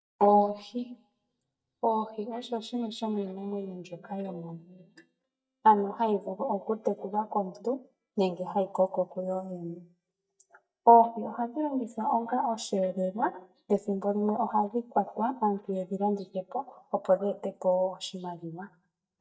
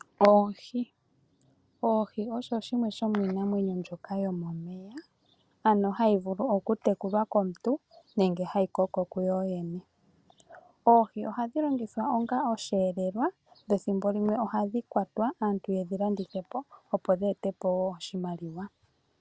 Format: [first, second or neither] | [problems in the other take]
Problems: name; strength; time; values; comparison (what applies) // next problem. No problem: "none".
second | noise reduction (neural mask model DeepFilterNet 3)